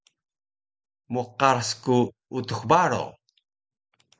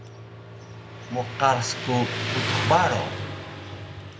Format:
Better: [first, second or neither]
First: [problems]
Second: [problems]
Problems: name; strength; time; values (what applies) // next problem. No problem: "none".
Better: first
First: none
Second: background sound (Motorcycle); 4 dB below the speech // room echo; dies away in 1 s